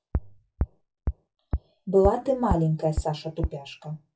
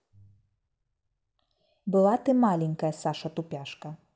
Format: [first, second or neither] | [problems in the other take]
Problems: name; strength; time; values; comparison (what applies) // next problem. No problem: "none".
second | noise reduction (classical method WPE with log-MMSE)